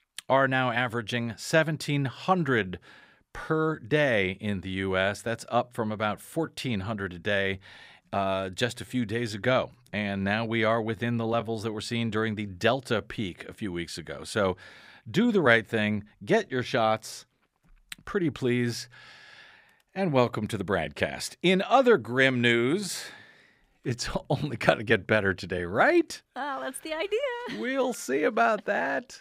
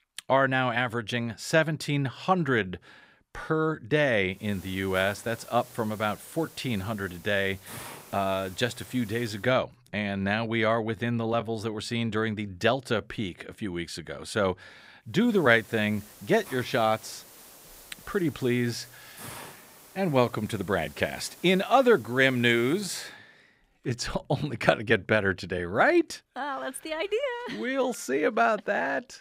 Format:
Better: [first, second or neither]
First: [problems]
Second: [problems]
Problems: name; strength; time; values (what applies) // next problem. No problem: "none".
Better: first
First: none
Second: hiss; noticeable; from 4.5 to 9.5 s and from 15 to 23 s; 20 dB below the speech